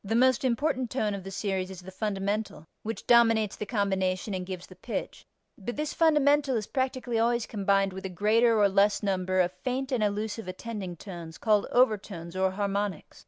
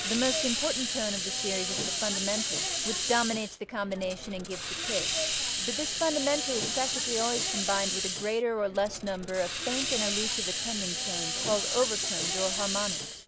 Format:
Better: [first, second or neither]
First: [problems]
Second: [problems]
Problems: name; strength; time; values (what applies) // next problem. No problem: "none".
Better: first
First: none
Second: background sound (Hiss); 1 dB above the speech